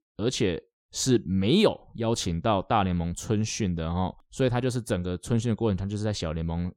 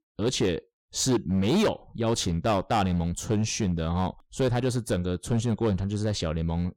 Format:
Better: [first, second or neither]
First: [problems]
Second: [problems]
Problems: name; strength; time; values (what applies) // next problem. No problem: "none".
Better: first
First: none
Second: distortion; slight; 7% of the sound clipped